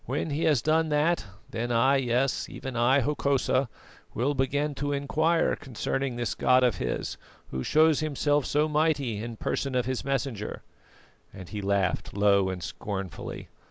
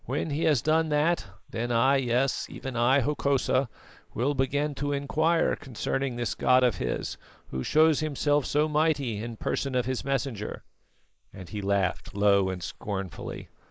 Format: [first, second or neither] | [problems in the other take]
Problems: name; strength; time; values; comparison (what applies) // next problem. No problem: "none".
first | noise reduction (neural mask model Resemble Enhance denoiser)